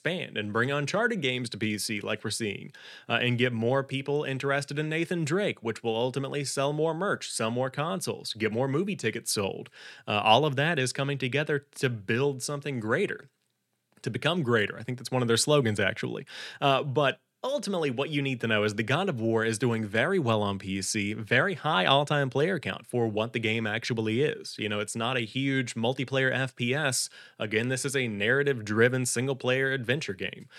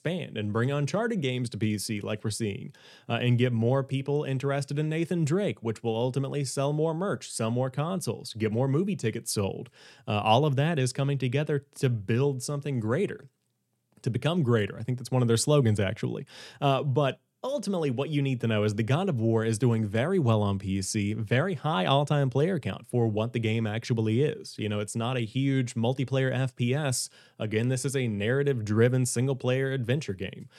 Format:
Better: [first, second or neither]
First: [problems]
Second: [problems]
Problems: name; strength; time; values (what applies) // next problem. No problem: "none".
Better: second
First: thin; very slightly; fading below 500 Hz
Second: none